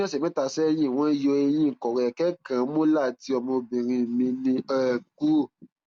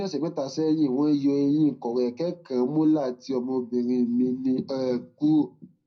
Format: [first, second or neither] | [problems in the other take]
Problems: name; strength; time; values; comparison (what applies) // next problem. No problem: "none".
first | room echo; dies away in 0.3 s